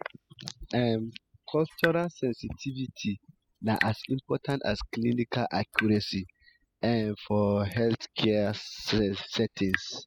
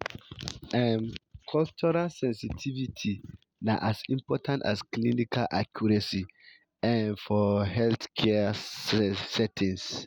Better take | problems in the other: second | noise reduction (classical method spectral subtraction)

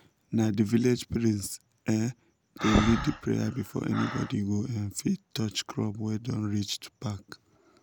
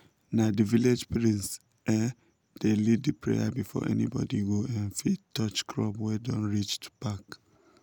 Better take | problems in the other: second | background sound (Breathing); 9 dB below the speech

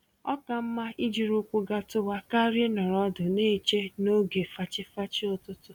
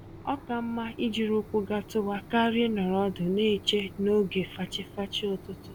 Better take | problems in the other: first | background sound (Mechanisms); 17 dB below the speech

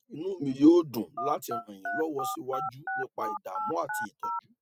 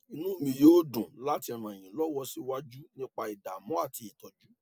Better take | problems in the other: second | noise reduction (neural mask model RNNoise)

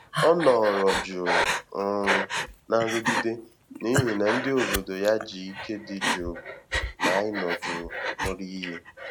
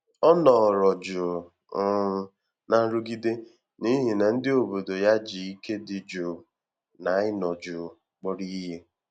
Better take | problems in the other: second | background sound (Breathing); 2 dB below the speech

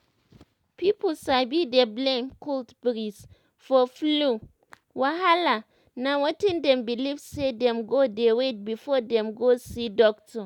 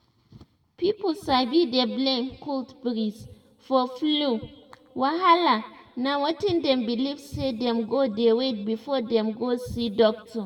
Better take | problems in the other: first | room echo; dies away in 1.6 s

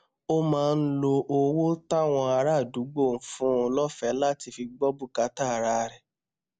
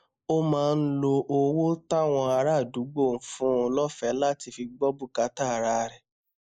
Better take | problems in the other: first | noise reduction (neural mask model Resemble Enhance denoiser)

